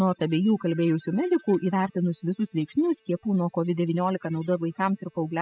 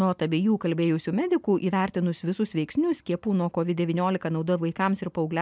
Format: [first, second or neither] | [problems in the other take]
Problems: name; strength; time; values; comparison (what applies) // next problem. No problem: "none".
second | noise reduction (classical method spectral subtraction)